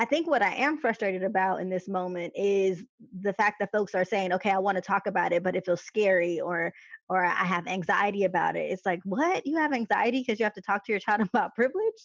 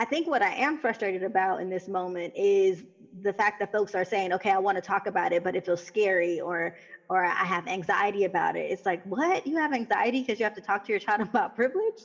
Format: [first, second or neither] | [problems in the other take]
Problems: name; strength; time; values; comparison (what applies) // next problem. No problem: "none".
first | room echo; dies away in 0.7 s